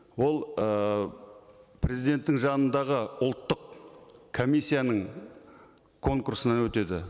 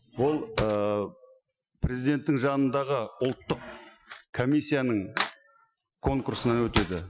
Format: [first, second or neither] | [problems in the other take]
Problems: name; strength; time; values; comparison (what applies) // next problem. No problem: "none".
first | noise reduction (classical method Wiener filter)